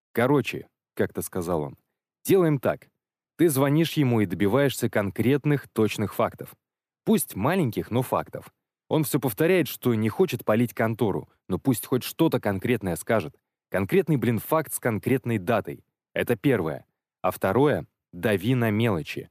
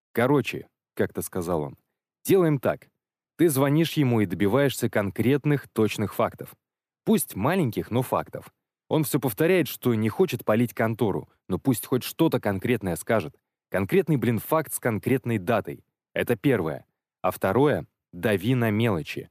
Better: neither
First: none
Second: none

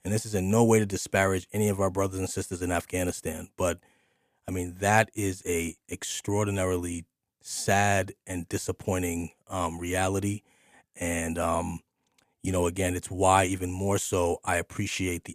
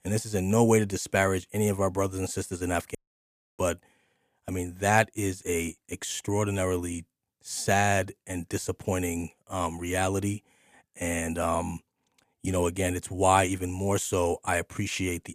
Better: first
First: none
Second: audio cutting out; at 3 s for 0.5 s

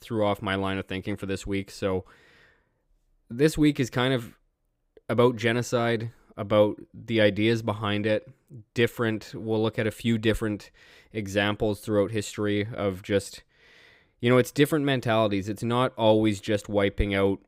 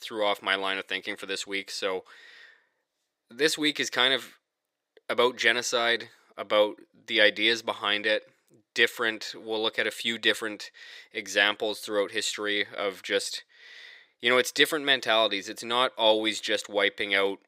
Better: first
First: none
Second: thin; somewhat; fading below 450 Hz

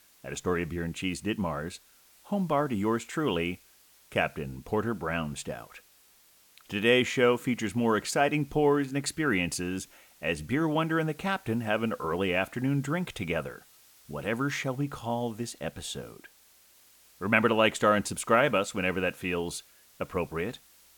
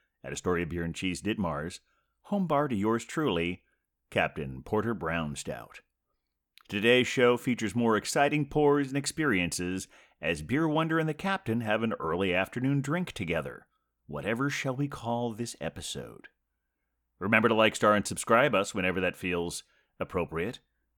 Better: second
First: hiss; faint; throughout; 25 dB below the speech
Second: none

